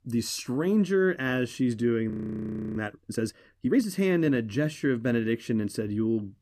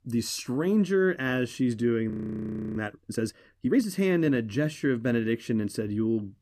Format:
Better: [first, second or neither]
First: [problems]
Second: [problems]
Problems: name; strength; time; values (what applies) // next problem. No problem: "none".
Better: neither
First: audio freezing; at 2 s for 0.5 s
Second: audio freezing; at 2 s for 0.5 s